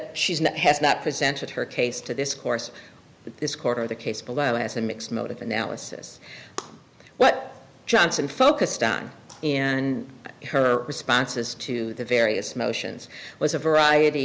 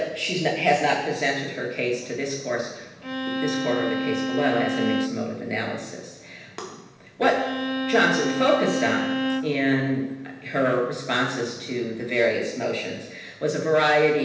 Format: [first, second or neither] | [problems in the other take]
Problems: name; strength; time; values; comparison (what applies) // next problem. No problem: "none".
first | background sound (Bowed string instrument); 3 dB below the speech // room echo; dies away in 0.9 s